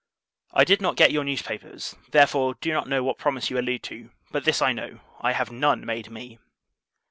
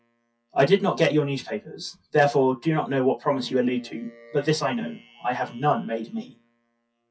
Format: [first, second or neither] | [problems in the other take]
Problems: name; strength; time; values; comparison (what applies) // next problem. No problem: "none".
first | noise reduction (classical method WPE with log-MMSE)